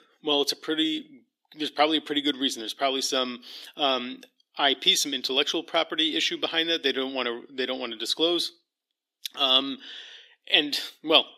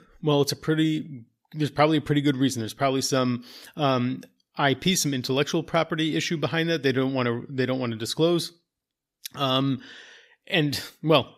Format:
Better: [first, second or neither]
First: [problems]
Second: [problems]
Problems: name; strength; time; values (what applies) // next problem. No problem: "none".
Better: second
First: thin; very slightly; fading below 300 Hz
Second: none